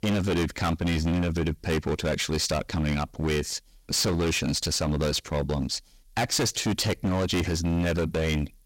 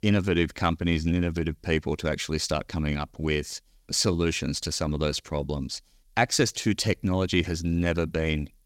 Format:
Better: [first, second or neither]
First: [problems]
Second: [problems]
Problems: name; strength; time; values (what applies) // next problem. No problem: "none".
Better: second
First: distortion; heavy; 20% of the sound clipped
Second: none